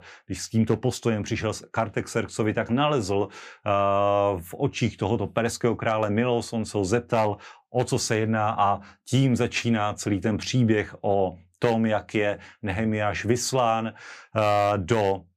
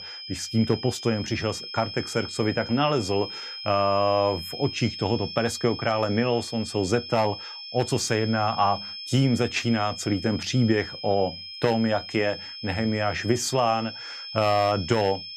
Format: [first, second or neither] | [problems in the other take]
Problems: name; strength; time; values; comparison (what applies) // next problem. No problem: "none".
first | high-pitched whine; loud; throughout; 5 kHz, 10 dB below the speech